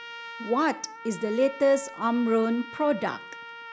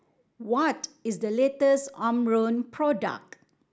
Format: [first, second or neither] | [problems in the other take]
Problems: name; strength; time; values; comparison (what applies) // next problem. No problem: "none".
second | background sound (Trumpet); 15 dB below the speech